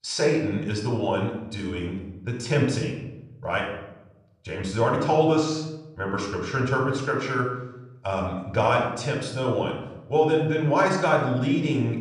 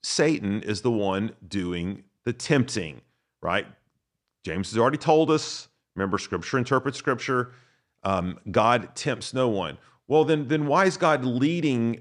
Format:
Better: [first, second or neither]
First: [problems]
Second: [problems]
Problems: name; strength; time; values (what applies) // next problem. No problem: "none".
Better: second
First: off-mic speech; somewhat distant // room echo; noticeable; dies away in 0.8 s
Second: none